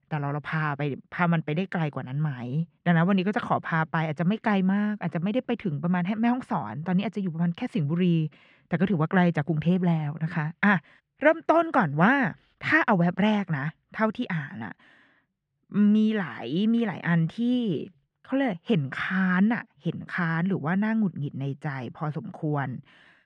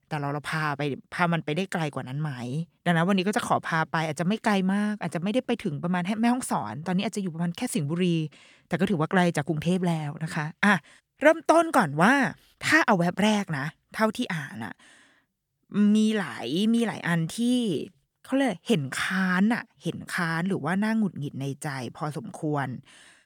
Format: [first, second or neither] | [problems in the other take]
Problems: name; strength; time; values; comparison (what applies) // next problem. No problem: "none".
second | muffled; slightly; fading above 2.5 kHz